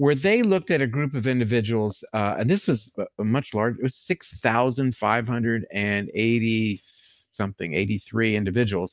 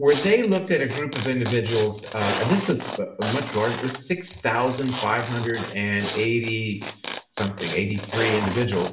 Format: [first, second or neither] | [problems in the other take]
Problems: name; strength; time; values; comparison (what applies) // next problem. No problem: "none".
first | background sound (Tearing); 9 dB below the speech // room echo; dies away in 0.6 s